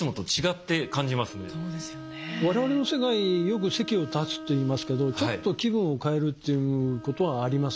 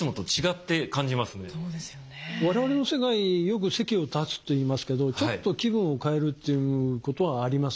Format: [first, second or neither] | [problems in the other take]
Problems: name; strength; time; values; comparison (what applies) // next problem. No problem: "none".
second | background sound (Bowed string instrument); 15 dB below the speech